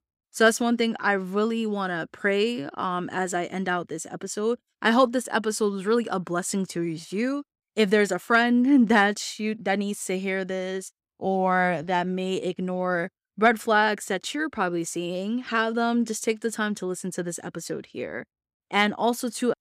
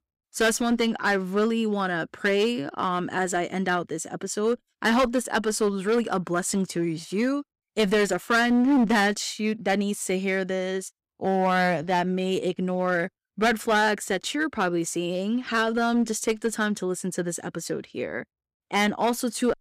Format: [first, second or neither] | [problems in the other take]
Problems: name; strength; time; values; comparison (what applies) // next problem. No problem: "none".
first | distortion; slight; 7% of the sound clipped